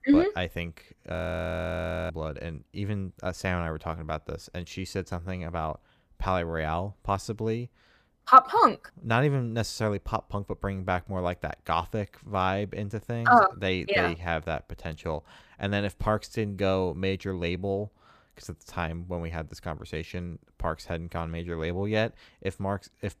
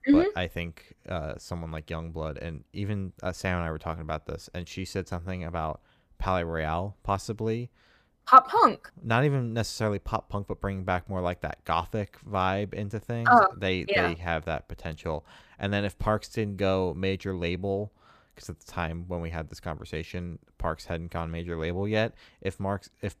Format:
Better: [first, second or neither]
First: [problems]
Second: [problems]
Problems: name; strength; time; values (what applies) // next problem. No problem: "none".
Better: second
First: audio freezing; at 1 s for 1 s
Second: none